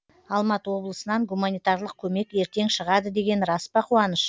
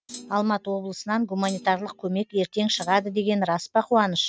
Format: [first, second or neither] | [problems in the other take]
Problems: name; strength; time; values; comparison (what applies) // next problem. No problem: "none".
first | noise reduction (neural mask model RNNoise)